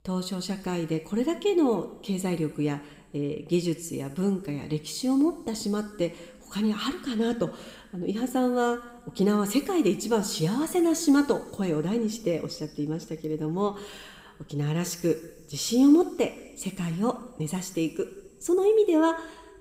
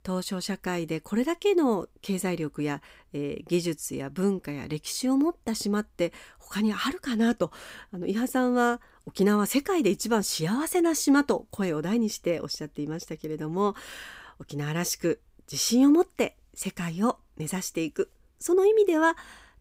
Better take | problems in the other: second | room echo; slight; dies away in 2 s

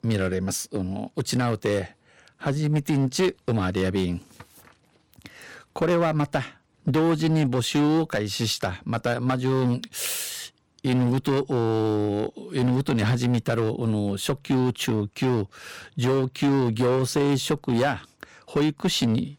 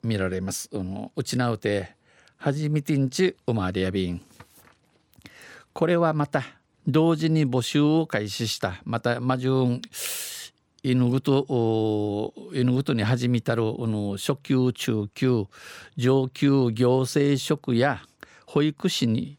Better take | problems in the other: second | distortion; slight; 9% of the sound clipped

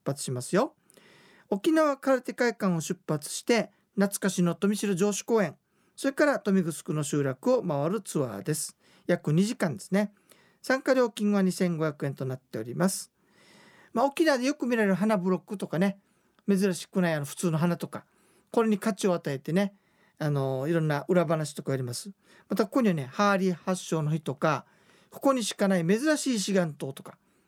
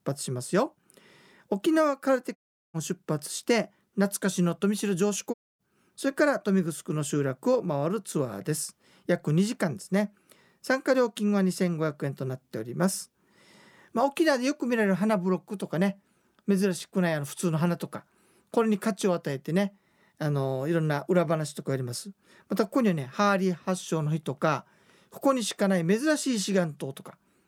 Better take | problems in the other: first | audio cutting out; at 2.5 s and at 5.5 s

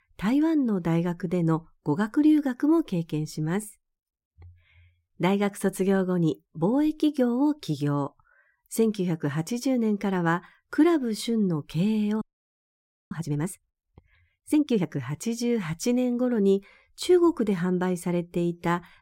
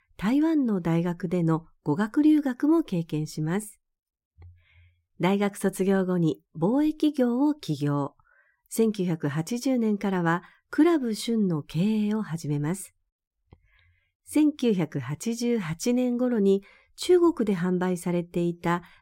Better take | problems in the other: second | audio freezing; at 12 s for 1 s

